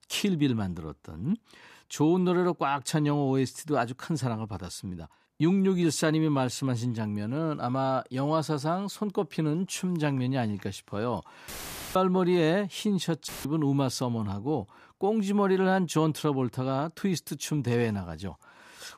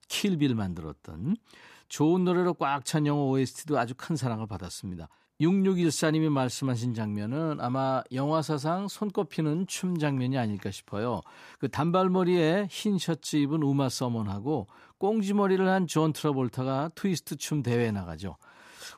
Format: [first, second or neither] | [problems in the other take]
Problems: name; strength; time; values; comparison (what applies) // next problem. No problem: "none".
second | audio cutting out; filled with static; at 11 s and at 13 s